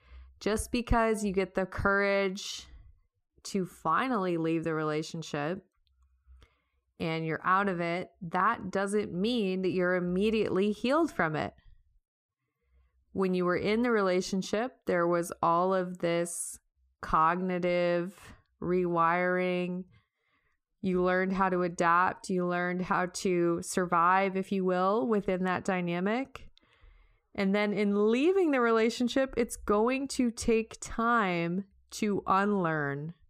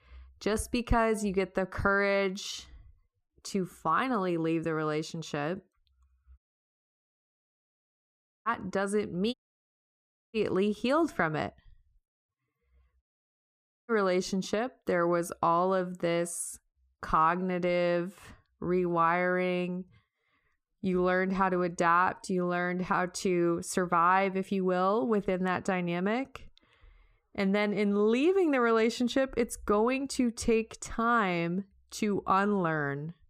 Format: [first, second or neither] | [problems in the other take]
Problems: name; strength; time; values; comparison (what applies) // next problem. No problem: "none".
first | audio cutting out; at 6.5 s for 2 s, at 9.5 s for 1 s and at 13 s for 1 s